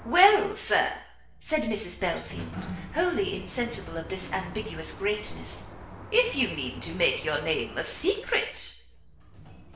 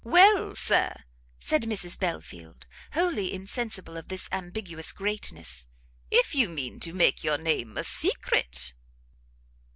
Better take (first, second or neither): second